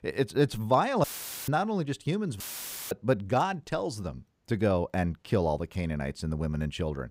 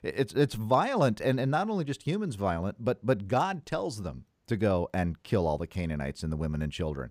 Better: second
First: audio cutting out; filled with static; at 1 s and at 2.5 s for 0.5 s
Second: none

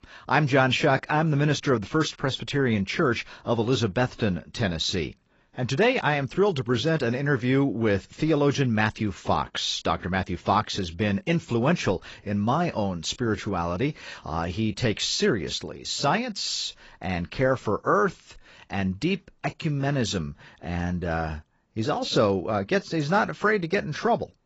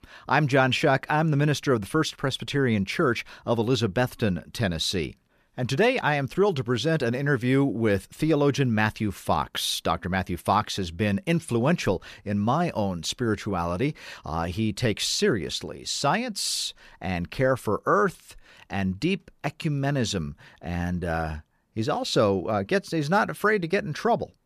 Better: second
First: garbled, watery; badly; nothing above 7.5 kHz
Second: none

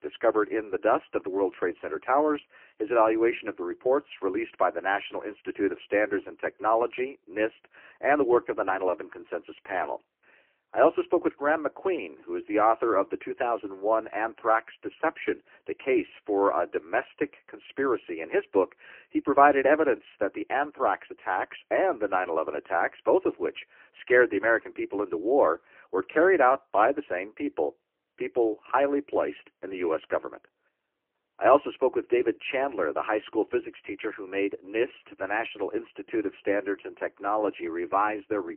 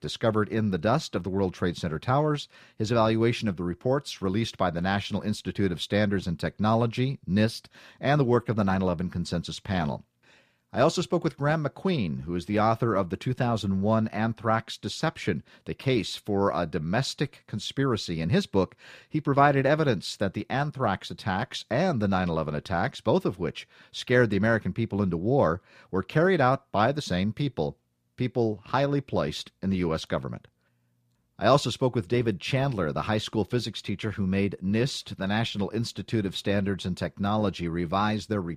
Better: second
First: phone-call audio; poor line; nothing above 3 kHz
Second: none

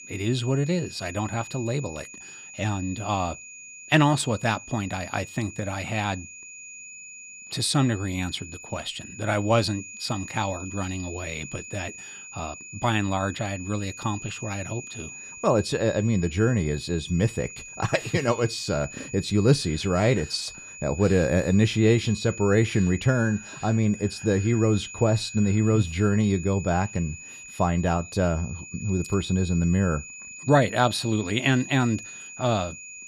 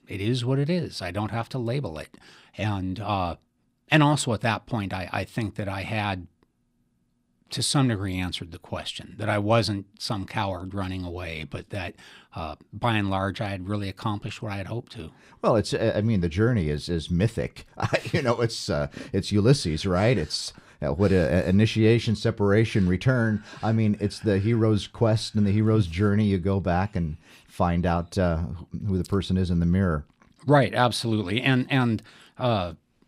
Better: second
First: high-pitched whine; noticeable; throughout; 2.5 kHz, 15 dB below the speech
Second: none

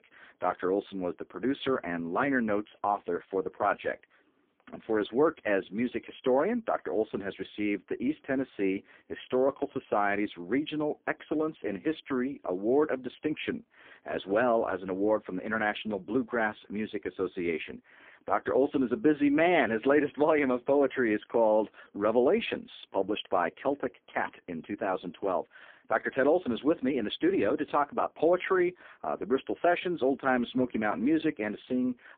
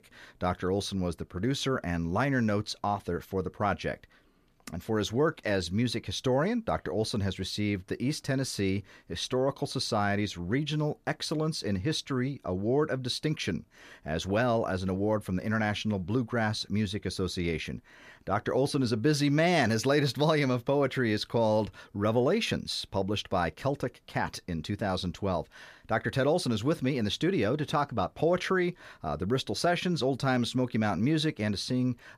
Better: second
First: phone-call audio; poor line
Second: none

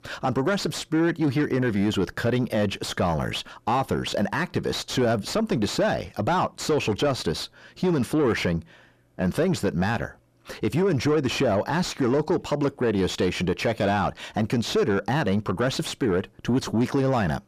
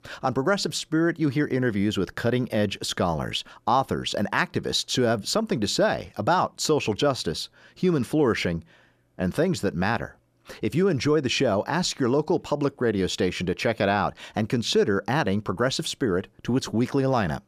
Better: second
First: distortion; slight; 10 dB below the speech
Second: none

